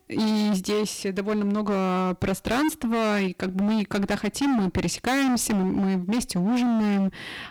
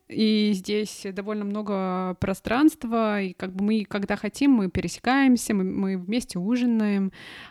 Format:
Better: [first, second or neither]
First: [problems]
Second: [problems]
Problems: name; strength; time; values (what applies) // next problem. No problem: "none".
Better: second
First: distortion; heavy; 29% of the sound clipped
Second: none